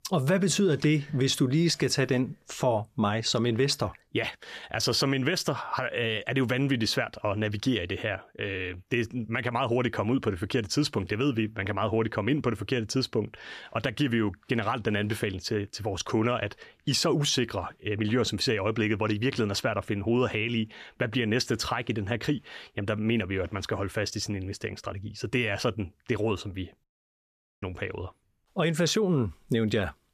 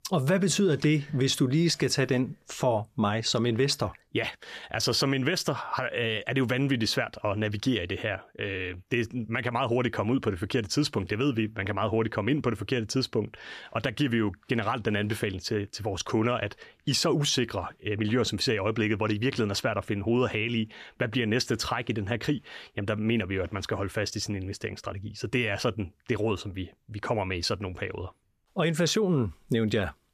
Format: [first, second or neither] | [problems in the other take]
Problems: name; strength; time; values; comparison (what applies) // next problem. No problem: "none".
second | audio cutting out; at 27 s for 1 s